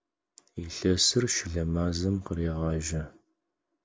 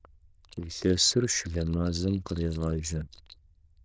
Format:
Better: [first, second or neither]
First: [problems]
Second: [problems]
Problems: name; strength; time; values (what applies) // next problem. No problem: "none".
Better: first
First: none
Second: noise reduction (neural diffusion model UNIVERSE++)